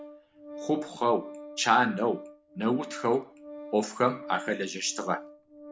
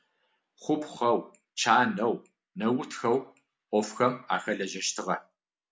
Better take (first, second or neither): second